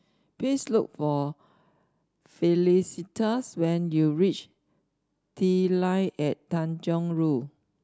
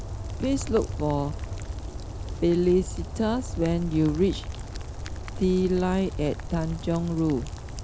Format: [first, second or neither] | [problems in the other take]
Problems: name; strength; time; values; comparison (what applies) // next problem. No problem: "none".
first | background sound (Rain); 7 dB below the speech